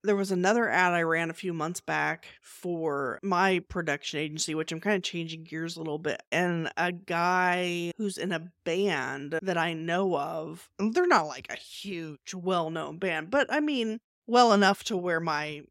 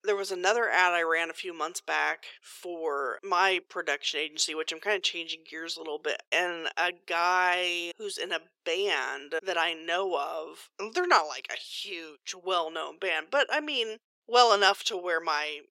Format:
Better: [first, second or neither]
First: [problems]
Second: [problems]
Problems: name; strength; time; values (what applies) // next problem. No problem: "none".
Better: first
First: none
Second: thin; very; fading below 400 Hz